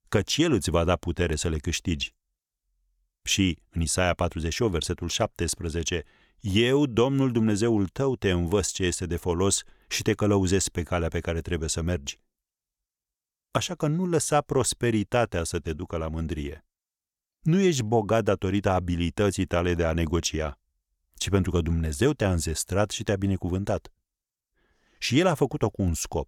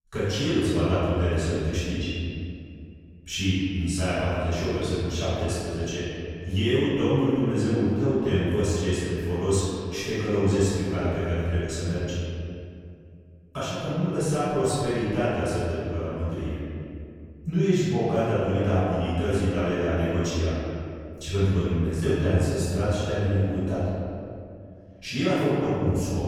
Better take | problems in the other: first | off-mic speech; far // room echo; strong; dies away in 2.4 s

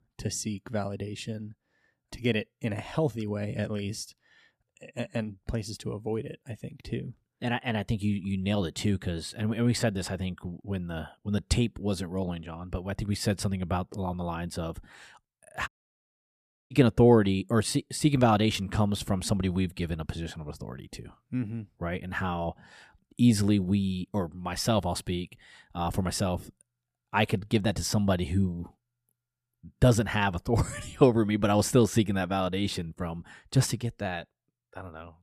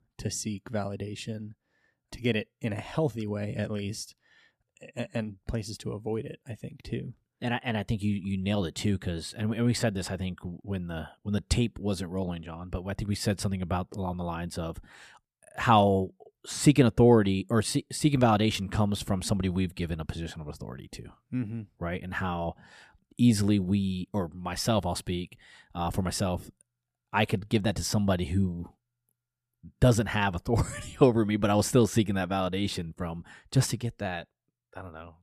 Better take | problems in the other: second | audio cutting out; at 16 s for 1 s

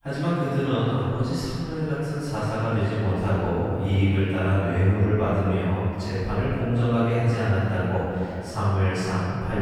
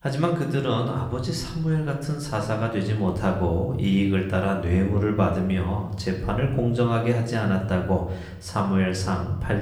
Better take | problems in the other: second | room echo; strong; dies away in 2.5 s; slight in the second // off-mic speech; far; somewhat distant in the second

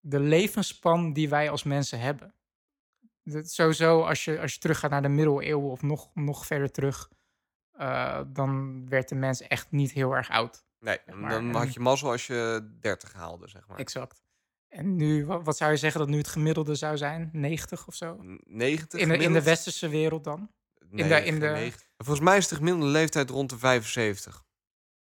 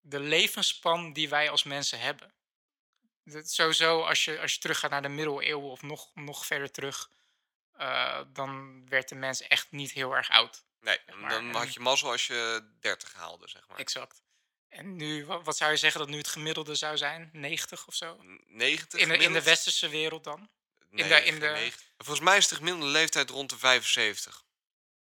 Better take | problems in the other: first | thin; somewhat; fading below 1 kHz

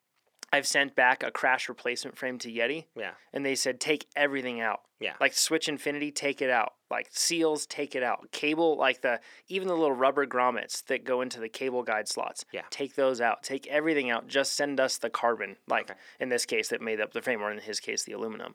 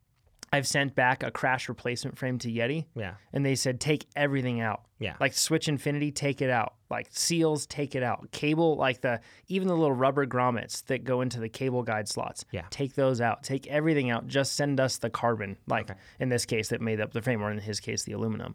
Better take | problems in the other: second | thin; somewhat; fading below 300 Hz

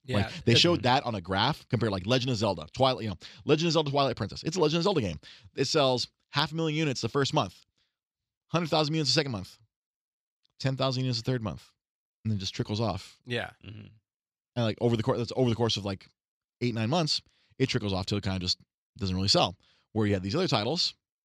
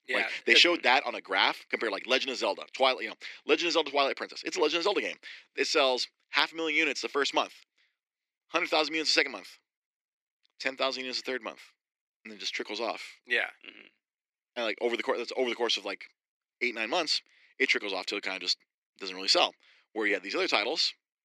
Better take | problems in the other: first | thin; very; fading below 300 Hz

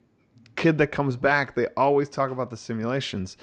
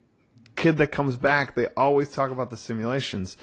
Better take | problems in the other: first | garbled, watery; slightly

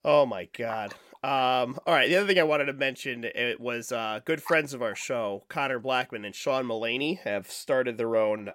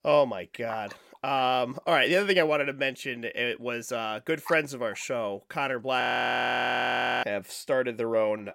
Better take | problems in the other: first | audio freezing; at 6 s for 1 s

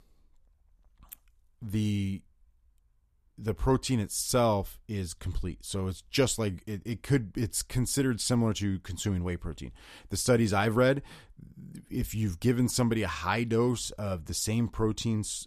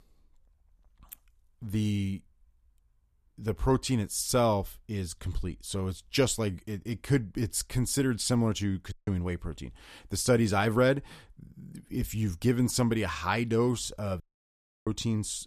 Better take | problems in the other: first | audio cutting out; at 9 s and at 14 s for 0.5 s

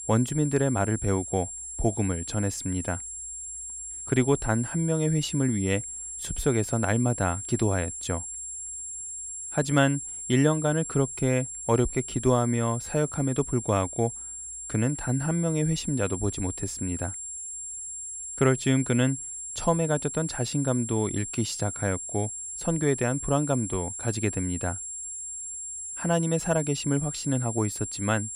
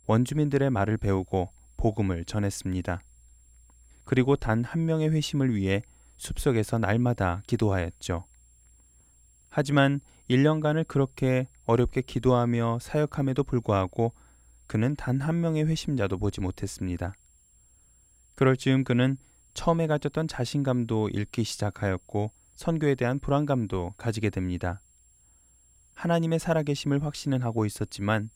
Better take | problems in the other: second | high-pitched whine; loud; throughout; 7.5 kHz, 7 dB below the speech; faint in the second

